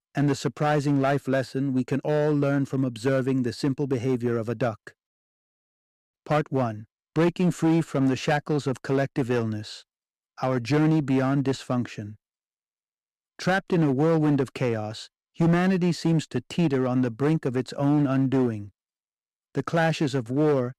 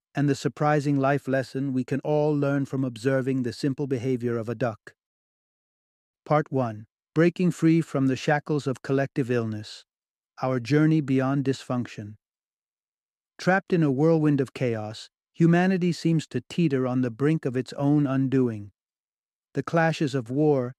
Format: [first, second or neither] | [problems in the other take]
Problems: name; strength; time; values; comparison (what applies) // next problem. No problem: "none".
second | distortion; slight; 7% of the sound clipped